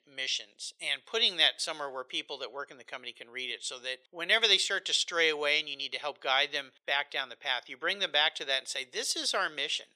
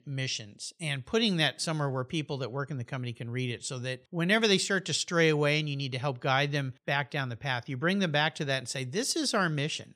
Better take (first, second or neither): second